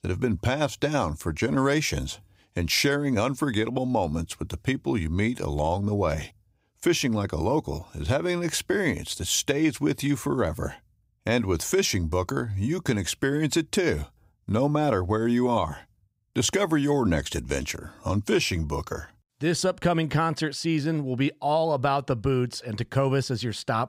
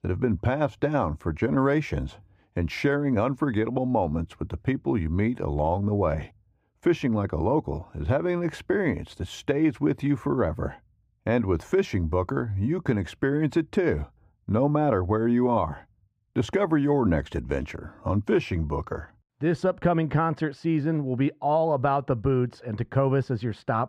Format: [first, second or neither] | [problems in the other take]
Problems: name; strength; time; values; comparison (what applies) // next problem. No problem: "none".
first | muffled; very; fading above 3 kHz